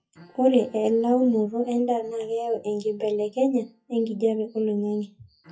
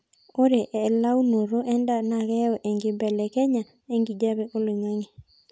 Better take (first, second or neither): second